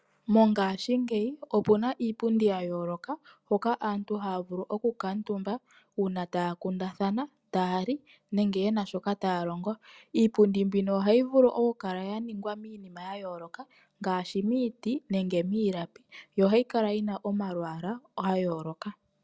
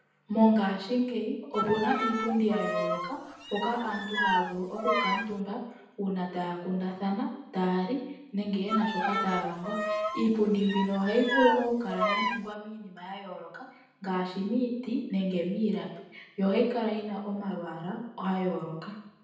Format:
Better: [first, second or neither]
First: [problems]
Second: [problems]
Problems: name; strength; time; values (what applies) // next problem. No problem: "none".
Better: first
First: none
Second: background sound (Bowed string instrument); 2 dB below the speech // room echo; dies away in 0.9 s